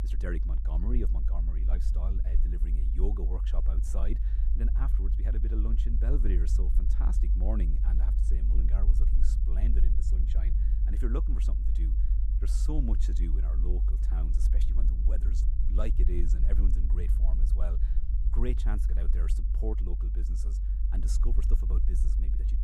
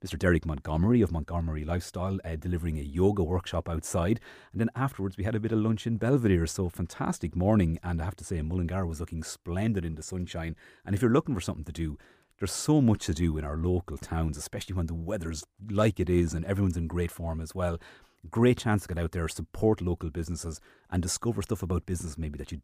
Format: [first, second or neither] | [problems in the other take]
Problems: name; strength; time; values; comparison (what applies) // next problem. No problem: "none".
second | low rumble; loud; throughout; 5 dB below the speech